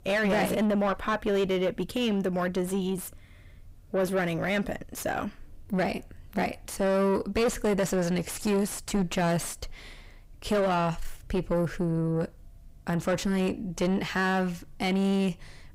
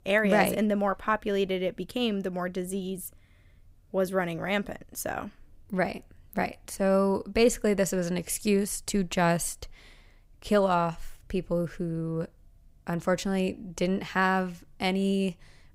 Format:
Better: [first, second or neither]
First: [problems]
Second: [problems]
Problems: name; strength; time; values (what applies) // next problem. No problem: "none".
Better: second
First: distortion; heavy; 7 dB below the speech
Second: none